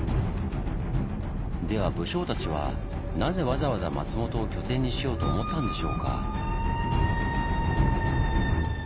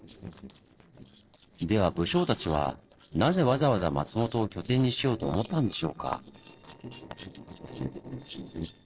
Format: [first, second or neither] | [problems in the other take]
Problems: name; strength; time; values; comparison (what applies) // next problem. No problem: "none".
first | noise reduction (neural separator model SepFormer DNS4)